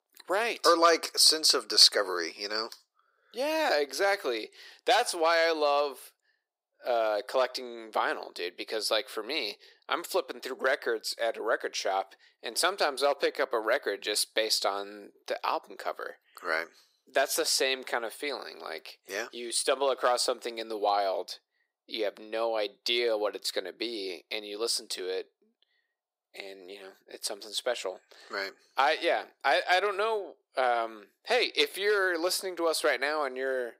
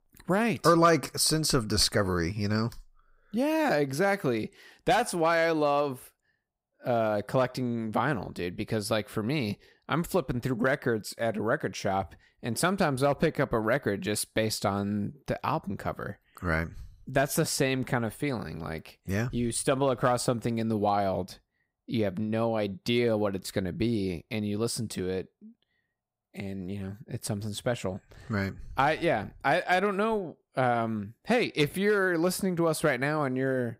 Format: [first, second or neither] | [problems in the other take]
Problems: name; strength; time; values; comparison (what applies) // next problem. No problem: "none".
second | thin; very; fading below 350 Hz